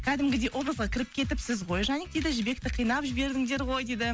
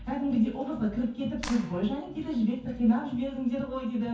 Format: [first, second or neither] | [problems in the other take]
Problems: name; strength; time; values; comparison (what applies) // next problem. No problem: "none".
first | background sound (Clapping); 13 dB below the speech // room echo; dies away in 0.6 s